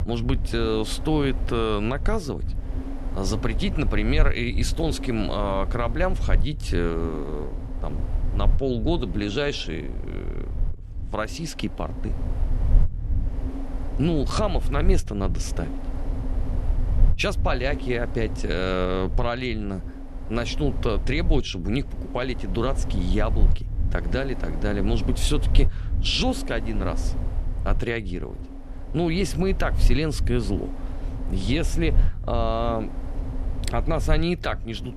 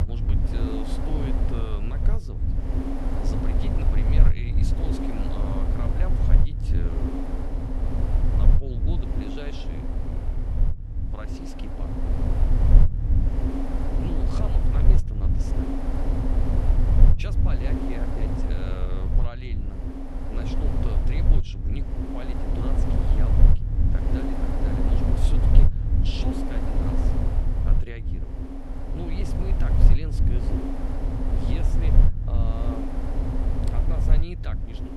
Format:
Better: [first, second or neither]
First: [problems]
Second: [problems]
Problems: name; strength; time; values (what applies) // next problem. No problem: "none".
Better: first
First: wind noise on the microphone; occasional gusts; 15 dB below the speech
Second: wind noise on the microphone; heavy; 4 dB above the speech